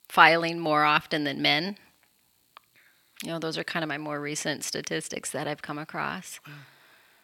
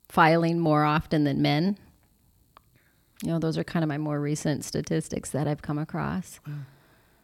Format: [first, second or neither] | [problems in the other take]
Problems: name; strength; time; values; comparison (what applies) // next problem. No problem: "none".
second | thin; somewhat; fading below 750 Hz